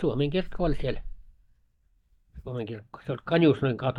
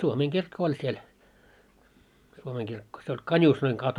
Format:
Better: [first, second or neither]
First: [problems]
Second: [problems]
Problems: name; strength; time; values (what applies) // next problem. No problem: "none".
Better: second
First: noise reduction (neural mask model DeepFilterNet 3)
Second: none